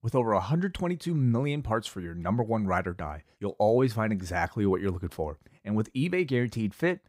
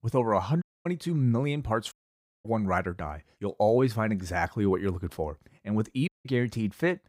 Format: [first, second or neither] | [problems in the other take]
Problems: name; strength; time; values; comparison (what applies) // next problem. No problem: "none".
first | audio cutting out; at 0.5 s, at 2 s for 0.5 s and at 6 s